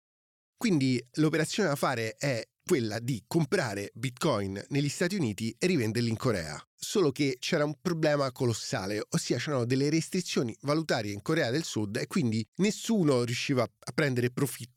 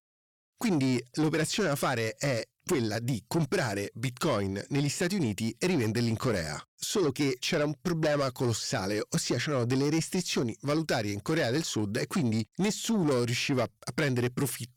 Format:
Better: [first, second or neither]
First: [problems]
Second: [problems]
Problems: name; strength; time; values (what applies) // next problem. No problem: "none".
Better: first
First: none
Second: distortion; slight; 10 dB below the speech